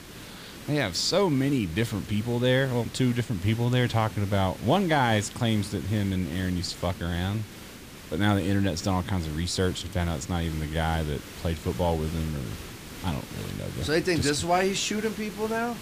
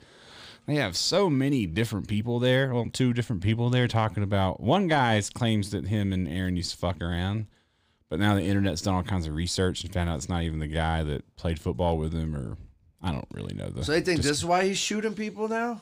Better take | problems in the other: second | hiss; noticeable; throughout; 15 dB below the speech

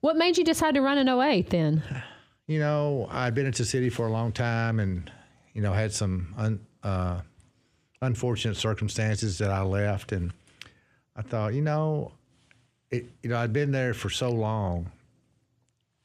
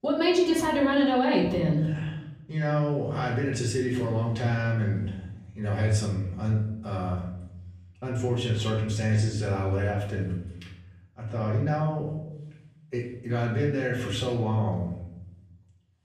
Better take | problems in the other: first | off-mic speech; far // room echo; noticeable; dies away in 0.8 s

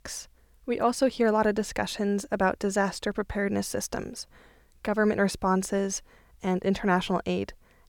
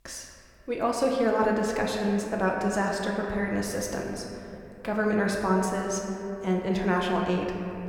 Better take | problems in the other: first | room echo; noticeable; dies away in 2.5 s // off-mic speech; somewhat distant

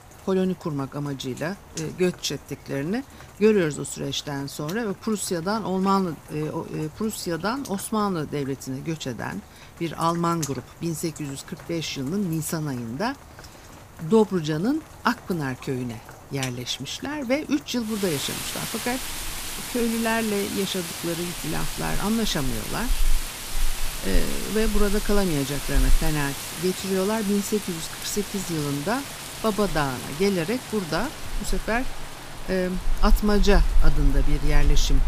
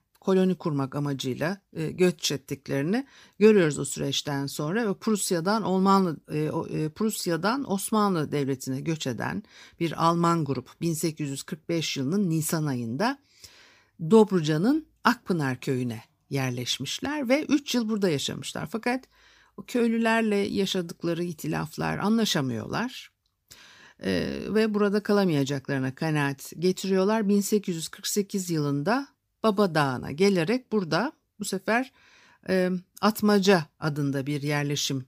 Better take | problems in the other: second | rain or running water; loud; throughout; 4 dB below the speech

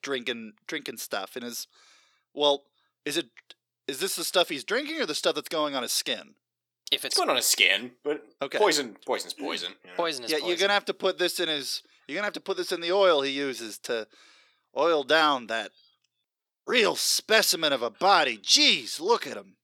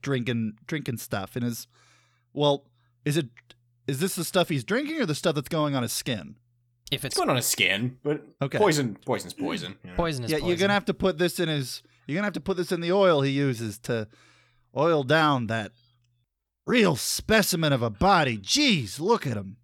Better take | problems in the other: second | thin; somewhat; fading below 350 Hz

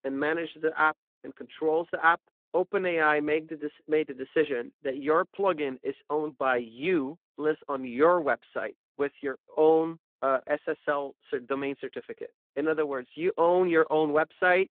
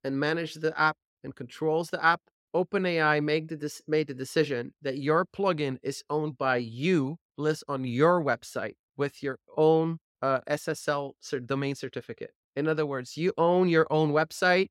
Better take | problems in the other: second | phone-call audio

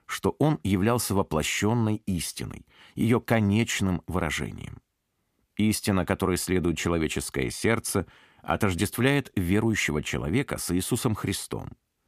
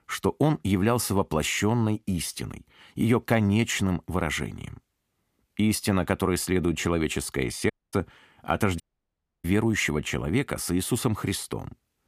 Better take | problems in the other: first | audio cutting out; at 7.5 s and at 9 s for 0.5 s

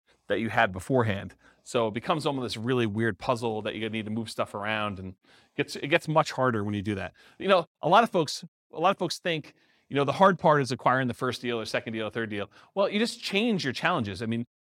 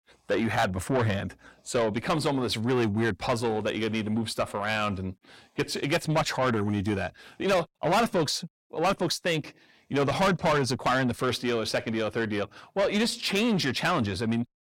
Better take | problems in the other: first | distortion; heavy; 6 dB below the speech

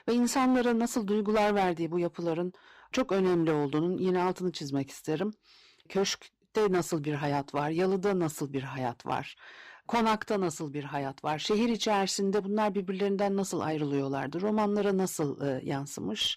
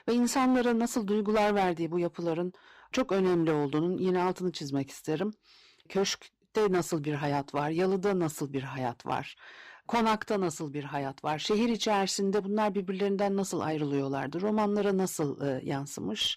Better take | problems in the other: neither | distortion; slight; 9% of the sound clipped; the same in both

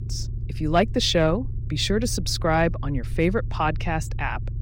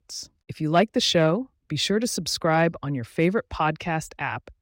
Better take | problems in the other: second | low rumble; faint; throughout; 20 dB below the speech

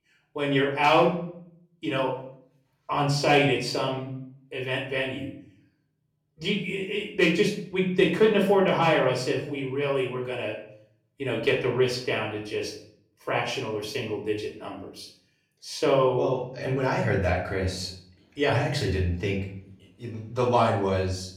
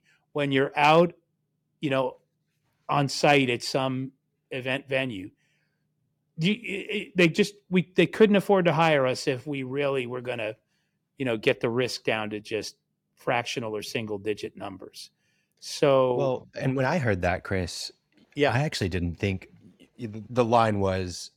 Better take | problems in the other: second | off-mic speech; far // room echo; slight; dies away in 0.5 s

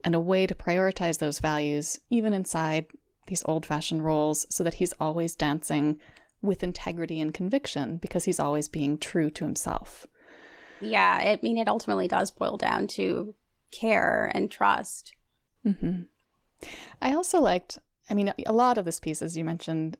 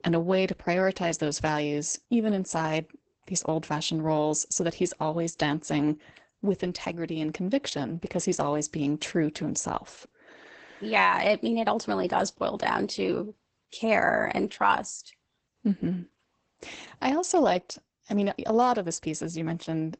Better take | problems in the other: first | garbled, watery; badly; nothing above 8 kHz; slightly in the first

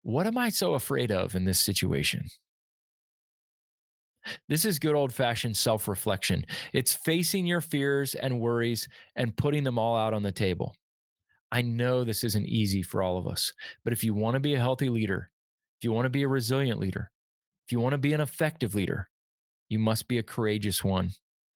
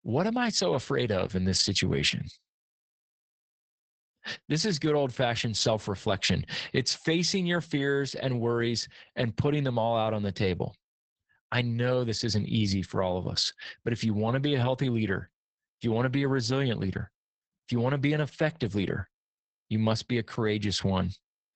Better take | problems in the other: first | garbled, watery; badly; nothing above 8 kHz; slightly in the first

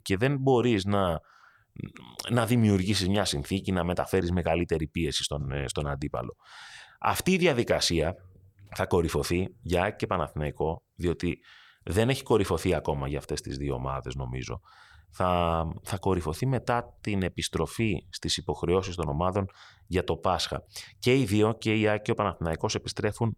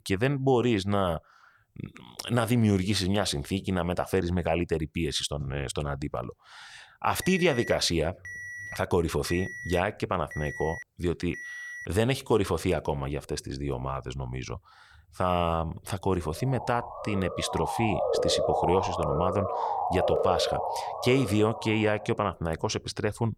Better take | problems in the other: first | alarm; noticeable; from 7 to 12 s; peak 9 dB below the speech // siren; loud; from 16 to 22 s; peak 2 dB above the speech

